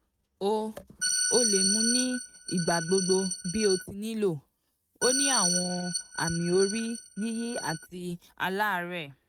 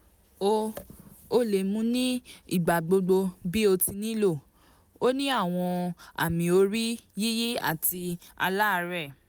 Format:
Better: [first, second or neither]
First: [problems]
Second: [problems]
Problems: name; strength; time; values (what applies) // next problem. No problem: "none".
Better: second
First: noise reduction (neural mask model RNNoise)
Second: none